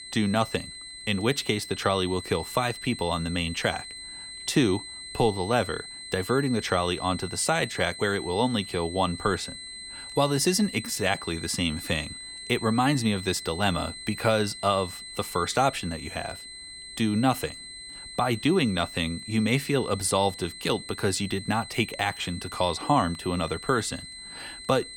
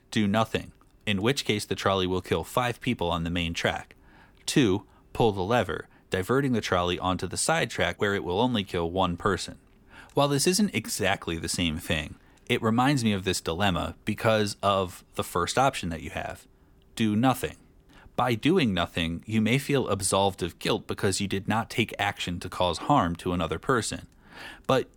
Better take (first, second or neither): second